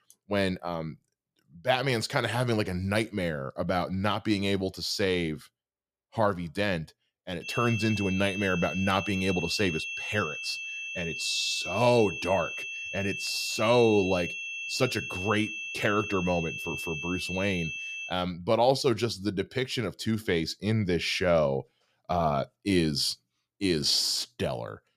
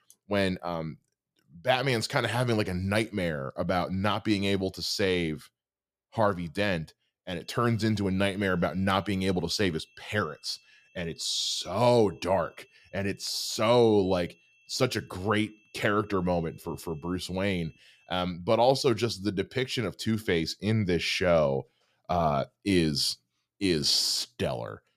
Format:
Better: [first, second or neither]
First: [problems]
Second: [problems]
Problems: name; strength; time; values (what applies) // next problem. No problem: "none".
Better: second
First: high-pitched whine; loud; from 7.5 to 18 s; 2.5 kHz, 5 dB below the speech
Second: high-pitched whine; faint; from 7.5 to 18 s; 2.5 kHz, 35 dB below the speech